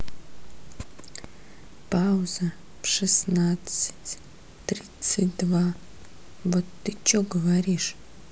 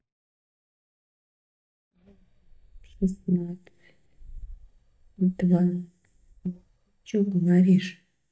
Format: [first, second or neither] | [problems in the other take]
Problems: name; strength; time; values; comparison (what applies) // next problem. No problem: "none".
first | noise reduction (neural mask model DeepFilterNet 3)